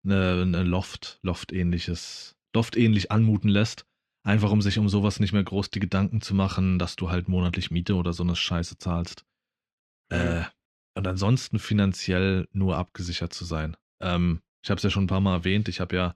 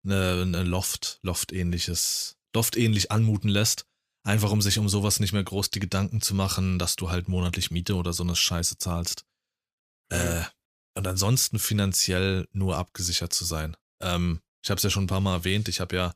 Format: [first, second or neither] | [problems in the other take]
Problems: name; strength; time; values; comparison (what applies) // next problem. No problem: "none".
second | muffled; slightly; fading above 2.5 kHz